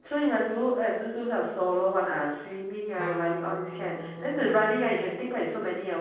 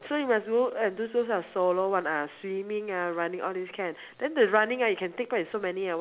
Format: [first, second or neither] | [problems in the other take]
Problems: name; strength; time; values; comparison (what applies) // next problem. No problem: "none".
second | noise reduction (neural separator model SepFormer DNS4)